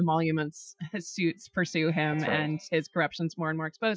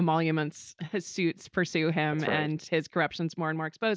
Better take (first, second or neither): second